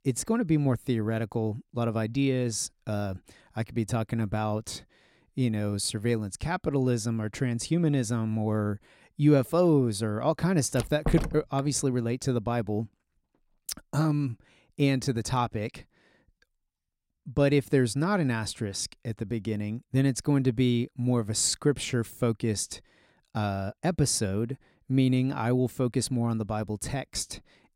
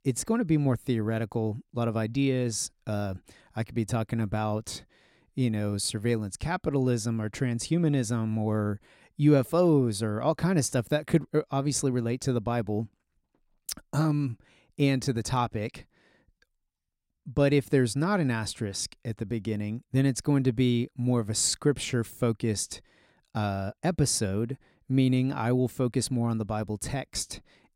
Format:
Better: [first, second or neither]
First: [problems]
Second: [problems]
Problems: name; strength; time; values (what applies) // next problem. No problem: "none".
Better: second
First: door banging; noticeable; at 11 s; peak 5 dB below the speech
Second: none